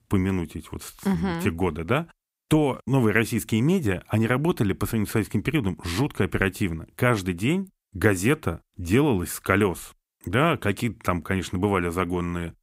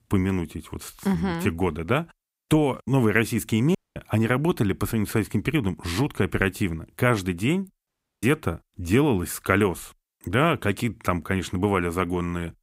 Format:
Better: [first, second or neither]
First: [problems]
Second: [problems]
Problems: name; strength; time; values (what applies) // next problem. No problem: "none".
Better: first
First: none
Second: audio cutting out; at 4 s and at 8 s